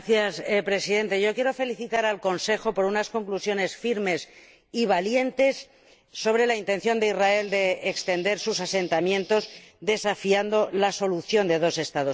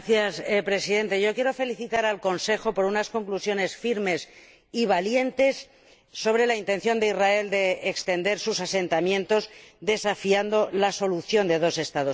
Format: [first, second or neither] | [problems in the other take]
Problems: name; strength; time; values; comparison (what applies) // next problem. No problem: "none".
second | noise reduction (neural separator model SepFormer DNS4)